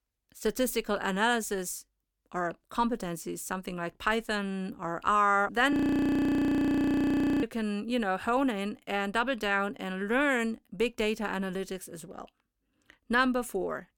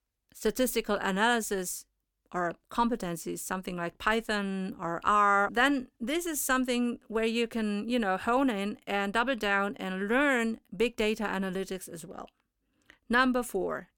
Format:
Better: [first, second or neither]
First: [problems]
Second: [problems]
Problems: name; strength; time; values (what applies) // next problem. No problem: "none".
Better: second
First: audio freezing; at 5.5 s for 1.5 s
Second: none